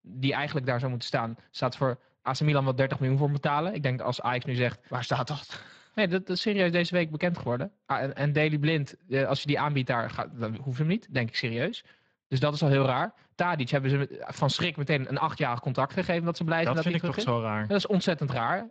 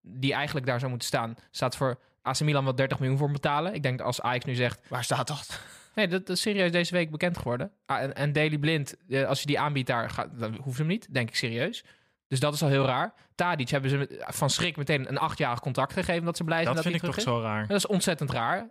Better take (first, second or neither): second